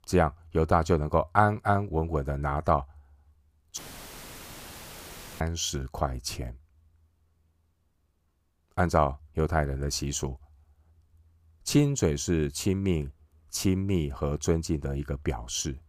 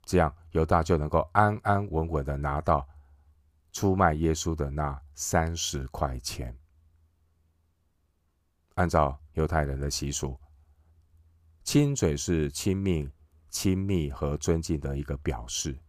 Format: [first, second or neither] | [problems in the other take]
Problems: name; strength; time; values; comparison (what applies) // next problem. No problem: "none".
second | audio cutting out; filled with static; at 4 s for 1.5 s